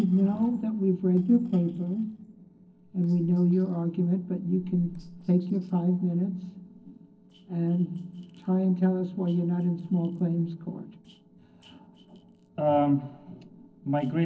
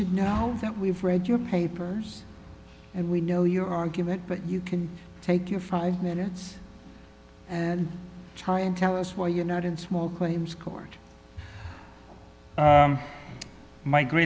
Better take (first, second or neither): second